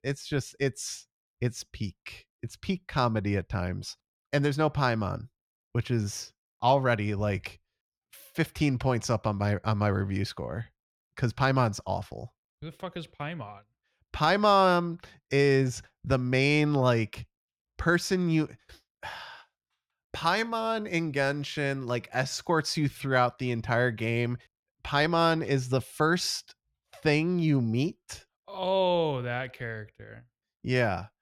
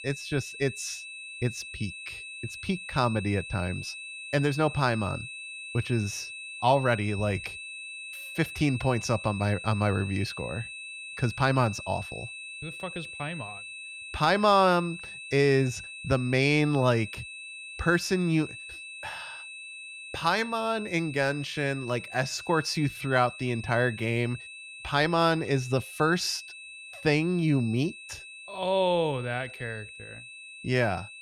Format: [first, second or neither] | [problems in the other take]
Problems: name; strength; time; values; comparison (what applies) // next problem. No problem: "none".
first | high-pitched whine; noticeable; throughout; 2.5 kHz, 10 dB below the speech